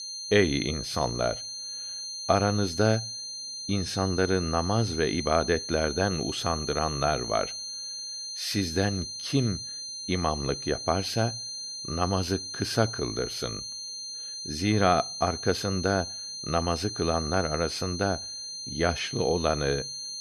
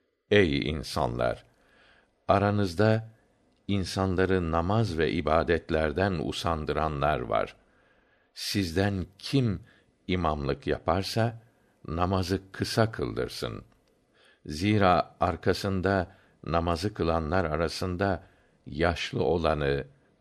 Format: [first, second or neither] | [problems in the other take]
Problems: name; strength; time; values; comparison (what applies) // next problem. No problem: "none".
second | high-pitched whine; loud; throughout; 4 kHz, 6 dB below the speech